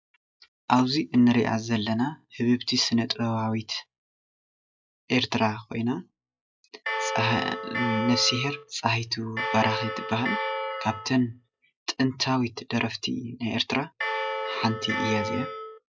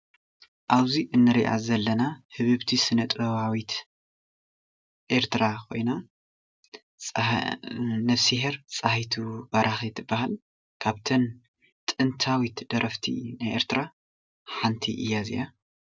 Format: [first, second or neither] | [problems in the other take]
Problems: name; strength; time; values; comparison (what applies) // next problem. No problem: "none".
second | noise reduction (classical method log-MMSE)